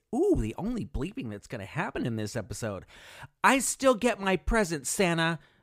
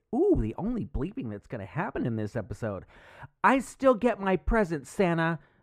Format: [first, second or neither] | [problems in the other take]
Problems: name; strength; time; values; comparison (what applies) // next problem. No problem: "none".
first | muffled; very; fading above 2.5 kHz